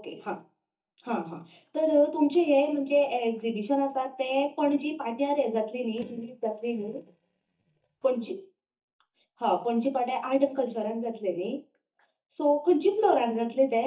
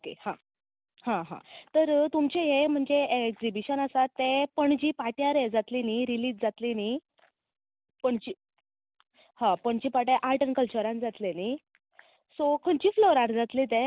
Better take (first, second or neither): second